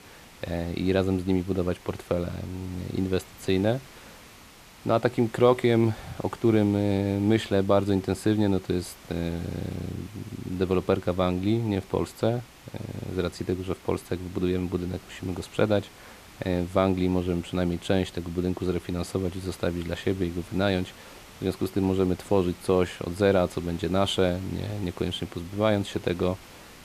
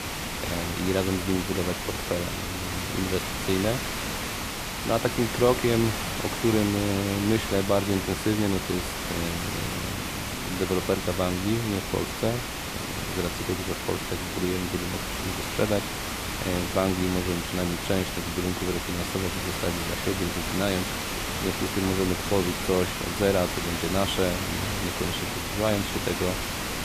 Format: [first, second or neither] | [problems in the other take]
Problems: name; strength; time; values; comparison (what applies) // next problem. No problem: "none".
first | hiss; loud; throughout; 2 dB below the speech; faint in the first